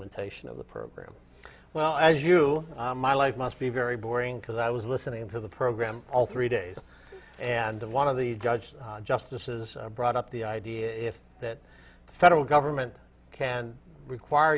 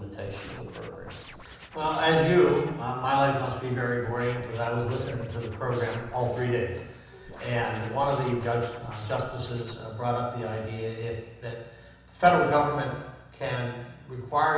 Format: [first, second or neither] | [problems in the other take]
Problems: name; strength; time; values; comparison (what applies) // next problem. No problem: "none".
first | background sound (Scratching (performance technique)); 18 dB below the speech // room echo; dies away in 1.1 s